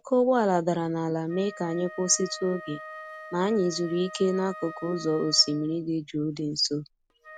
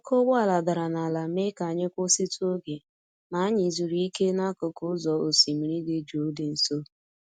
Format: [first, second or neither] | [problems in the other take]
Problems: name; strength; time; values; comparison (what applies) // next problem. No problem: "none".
second | background sound (Wind instrument, woodwind instrument); 17 dB below the speech